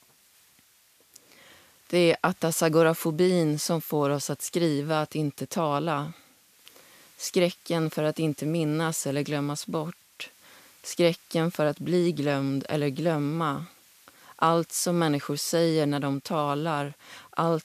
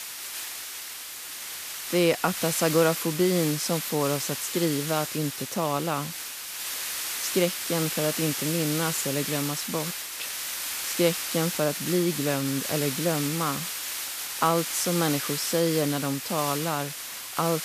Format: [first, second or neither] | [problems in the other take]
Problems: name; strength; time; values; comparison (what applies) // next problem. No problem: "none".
first | hiss; loud; throughout; 3 dB below the speech; faint in the first